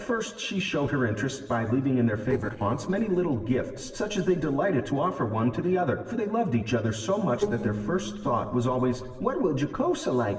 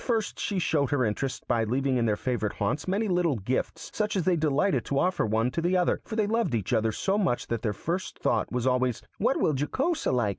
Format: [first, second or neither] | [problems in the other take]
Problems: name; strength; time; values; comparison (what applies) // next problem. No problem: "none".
second | noise reduction (neural separator model SepFormer DNS4)